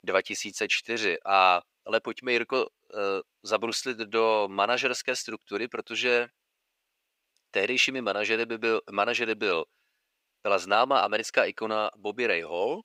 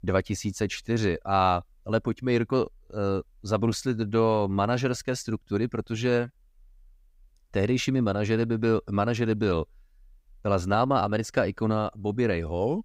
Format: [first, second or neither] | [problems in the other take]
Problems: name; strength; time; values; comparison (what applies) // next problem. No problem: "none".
second | thin; very; fading below 500 Hz